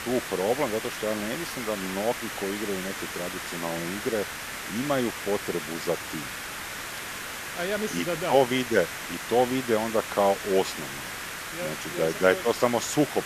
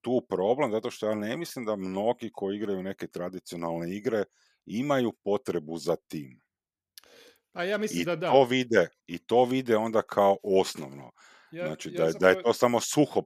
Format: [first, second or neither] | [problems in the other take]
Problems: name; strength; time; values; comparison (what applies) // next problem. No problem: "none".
second | hiss; loud; throughout; 6 dB below the speech